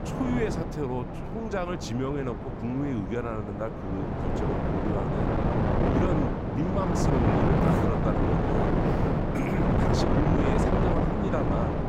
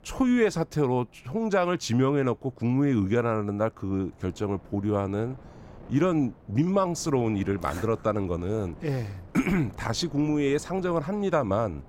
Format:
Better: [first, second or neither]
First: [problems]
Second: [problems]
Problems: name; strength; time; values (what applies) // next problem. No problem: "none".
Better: second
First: wind noise on the microphone; heavy; 4 dB above the speech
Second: wind noise on the microphone; occasional gusts; 25 dB below the speech